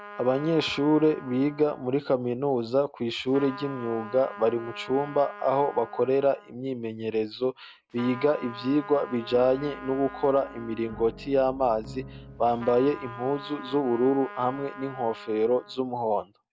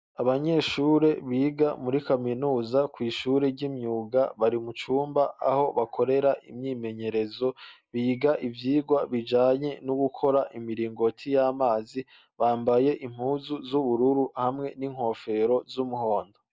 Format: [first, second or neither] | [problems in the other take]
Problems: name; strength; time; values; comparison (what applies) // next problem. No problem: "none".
second | background sound (Piano + Trumpet); 17 dB below the speech